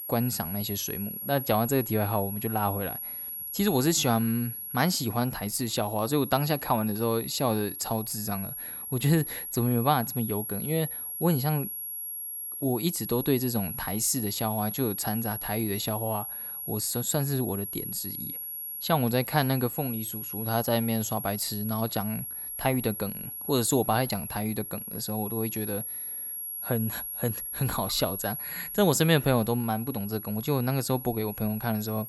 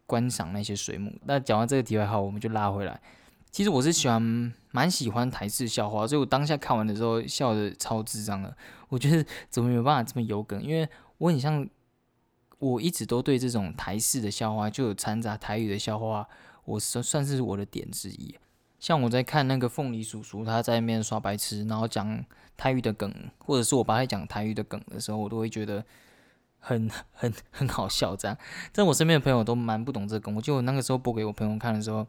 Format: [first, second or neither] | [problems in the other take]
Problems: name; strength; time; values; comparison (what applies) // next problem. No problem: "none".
second | high-pitched whine; loud; throughout; 11.5 kHz, 6 dB below the speech